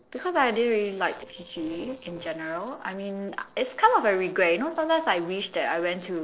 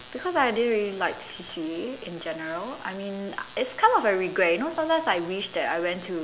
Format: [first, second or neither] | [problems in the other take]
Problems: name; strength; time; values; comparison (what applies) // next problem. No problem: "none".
second | noise reduction (neural separator model SepFormer DNS4)